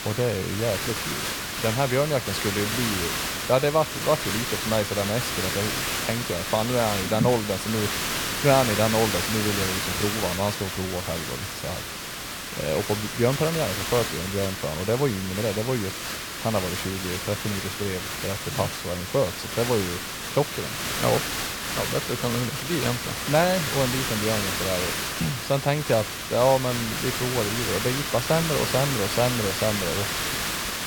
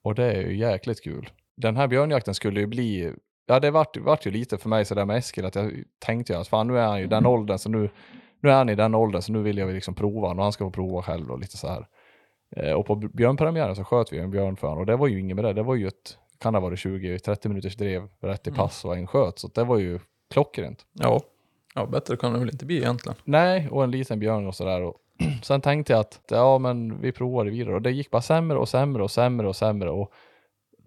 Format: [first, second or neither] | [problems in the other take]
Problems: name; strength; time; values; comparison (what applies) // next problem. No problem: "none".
second | hiss; loud; throughout; 1 dB below the speech